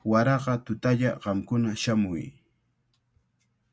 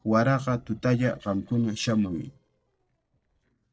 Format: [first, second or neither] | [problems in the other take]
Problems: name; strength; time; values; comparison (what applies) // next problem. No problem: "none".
first | noise reduction (neural separator model SepFormer DNS4)